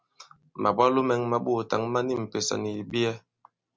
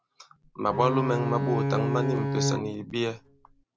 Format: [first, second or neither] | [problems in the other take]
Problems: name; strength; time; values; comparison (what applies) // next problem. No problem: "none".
first | background sound (Bowed string instrument); as loud as the speech